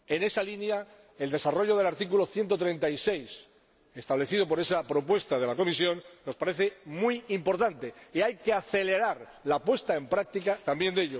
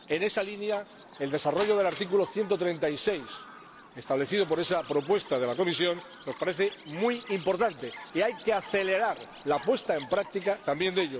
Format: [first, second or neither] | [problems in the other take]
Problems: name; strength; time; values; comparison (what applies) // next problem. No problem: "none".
first | background sound (Shatter + Chirp, tweet); 17 dB below the speech